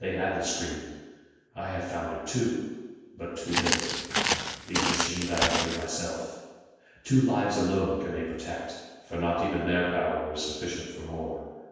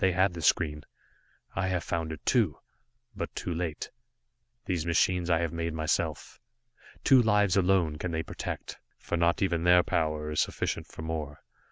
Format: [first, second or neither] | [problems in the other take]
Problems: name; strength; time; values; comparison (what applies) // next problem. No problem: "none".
second | background sound (Walk, footsteps); 2 dB above the speech // room echo; dies away in 1.2 s